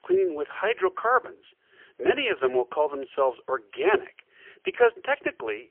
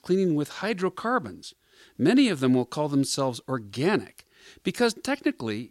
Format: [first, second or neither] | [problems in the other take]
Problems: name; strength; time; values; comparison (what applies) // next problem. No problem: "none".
second | phone-call audio; poor line; nothing above 3 kHz